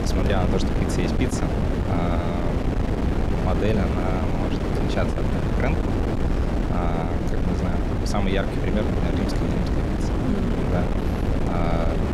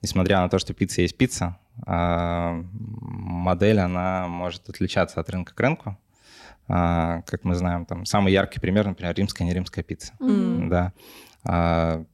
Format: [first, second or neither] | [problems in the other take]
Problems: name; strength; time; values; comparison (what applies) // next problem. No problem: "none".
second | wind noise on the microphone; heavy; 1 dB above the speech